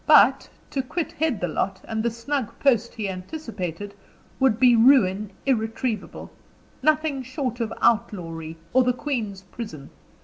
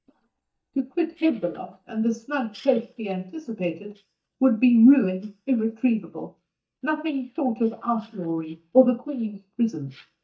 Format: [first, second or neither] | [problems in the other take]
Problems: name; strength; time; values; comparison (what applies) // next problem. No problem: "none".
first | noise reduction (neural mask model DeepFilterNet 3)